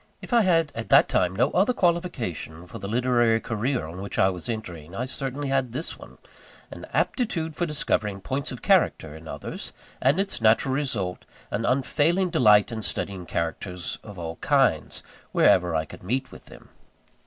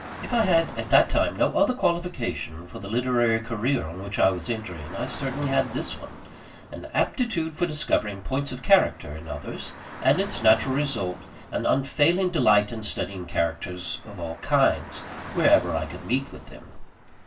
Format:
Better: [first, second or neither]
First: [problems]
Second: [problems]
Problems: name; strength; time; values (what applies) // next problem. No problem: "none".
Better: first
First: none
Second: background sound (Traffic noise, roadway noise / Car); 16 dB below the speech // room echo; dies away in 0.2 s